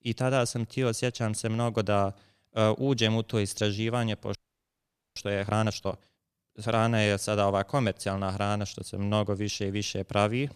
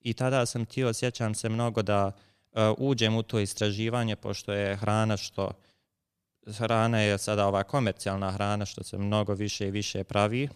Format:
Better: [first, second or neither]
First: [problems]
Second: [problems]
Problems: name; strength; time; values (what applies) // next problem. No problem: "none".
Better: second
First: audio freezing; at 4.5 s for 1 s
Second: none